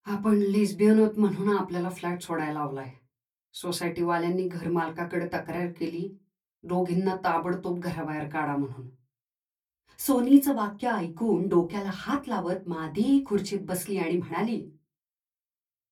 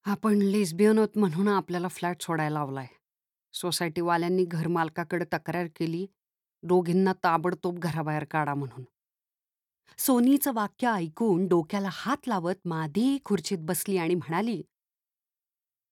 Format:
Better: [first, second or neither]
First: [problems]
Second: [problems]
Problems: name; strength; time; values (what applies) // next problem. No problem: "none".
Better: second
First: off-mic speech; far // room echo; very slight; dies away in 0.2 s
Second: none